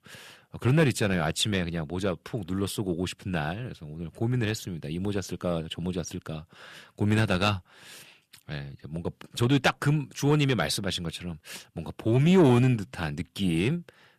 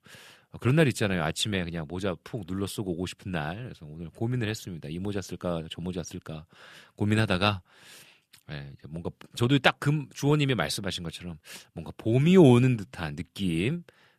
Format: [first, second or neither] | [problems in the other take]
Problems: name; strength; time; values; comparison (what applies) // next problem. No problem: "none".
second | distortion; slight; 10 dB below the speech